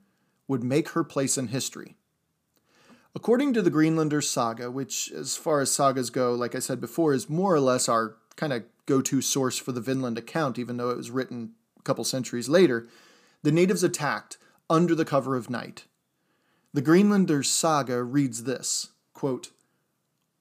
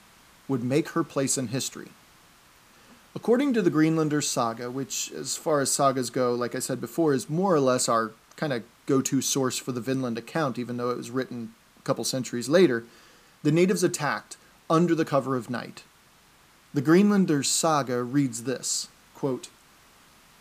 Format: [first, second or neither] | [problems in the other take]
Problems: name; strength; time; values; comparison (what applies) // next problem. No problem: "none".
first | hiss; faint; throughout; 30 dB below the speech